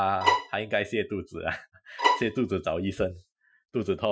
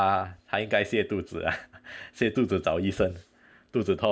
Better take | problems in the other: second | noise reduction (classical method Wiener filter)

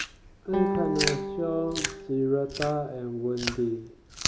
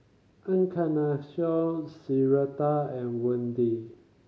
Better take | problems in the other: second | background sound (Chewing, mastication + Guitar); 3 dB below the speech

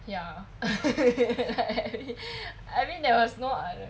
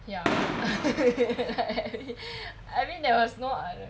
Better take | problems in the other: first | background sound (Fireworks); 6 dB below the speech

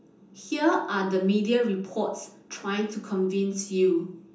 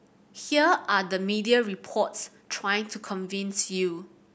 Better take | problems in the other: second | room echo; dies away in 0.6 s

